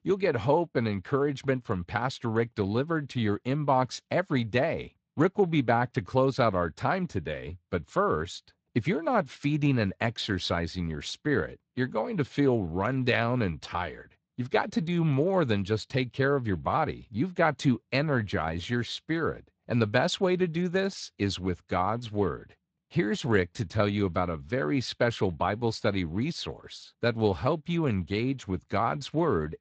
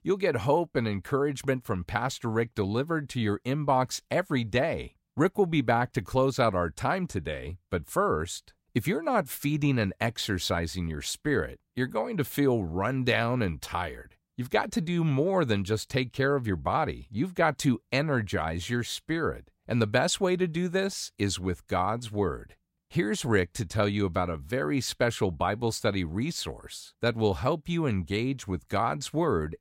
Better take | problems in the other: second | garbled, watery; slightly; nothing above 8 kHz

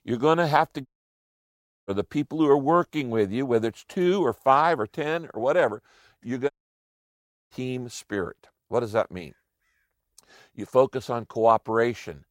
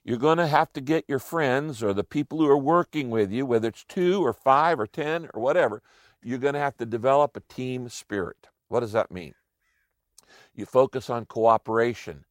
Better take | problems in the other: second | audio cutting out; at 1 s for 1 s and at 6.5 s for 1 s

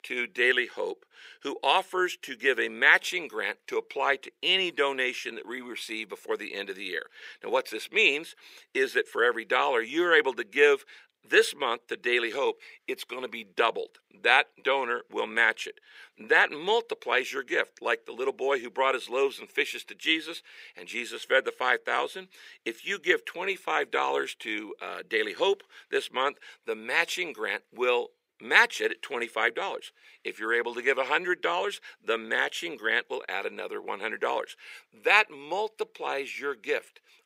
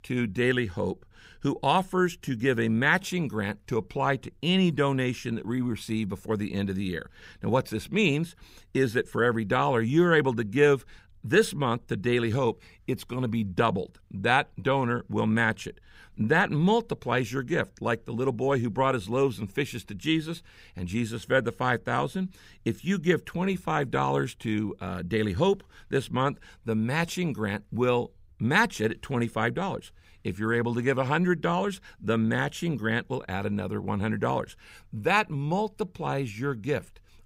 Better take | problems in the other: second | thin; very; fading below 400 Hz

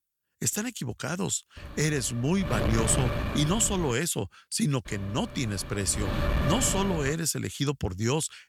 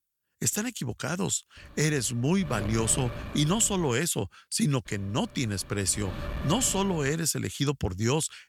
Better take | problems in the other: second | wind noise on the microphone; heavy; from 1.5 to 4 s and from 5 to 7 s; 4 dB below the speech; occasional gusts in the second

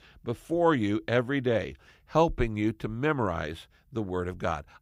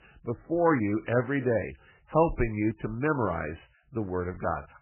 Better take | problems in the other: first | garbled, watery; badly; nothing above 2.5 kHz

